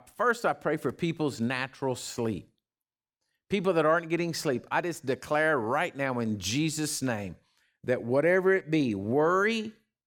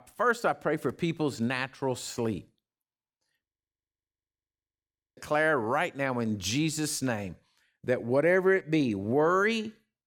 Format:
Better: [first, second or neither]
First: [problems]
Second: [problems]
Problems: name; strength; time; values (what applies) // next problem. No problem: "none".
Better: first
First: none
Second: audio freezing; at 3.5 s for 1.5 s